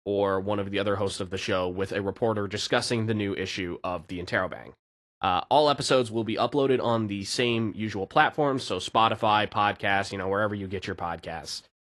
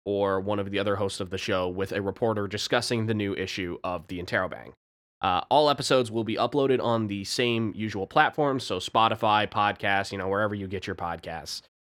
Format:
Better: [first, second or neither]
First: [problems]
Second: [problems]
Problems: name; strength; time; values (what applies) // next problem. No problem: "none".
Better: second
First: garbled, watery; slightly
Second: none